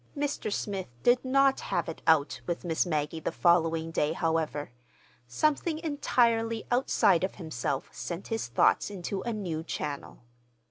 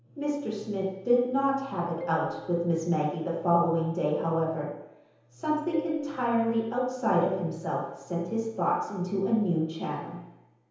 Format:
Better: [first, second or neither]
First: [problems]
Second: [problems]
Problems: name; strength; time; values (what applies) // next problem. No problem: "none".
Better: first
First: none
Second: background sound (Marimba, xylophone); 17 dB below the speech // room echo; dies away in 0.9 s